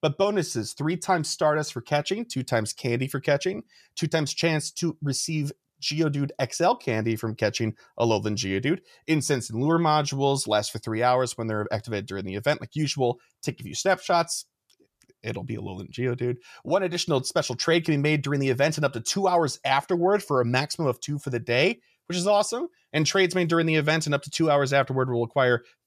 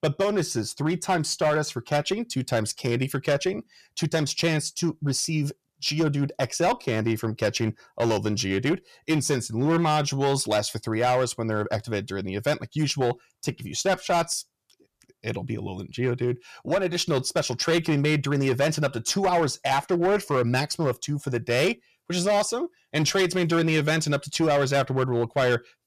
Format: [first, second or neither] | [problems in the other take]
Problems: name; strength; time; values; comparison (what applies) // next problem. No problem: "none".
first | distortion; slight; 8% of the sound clipped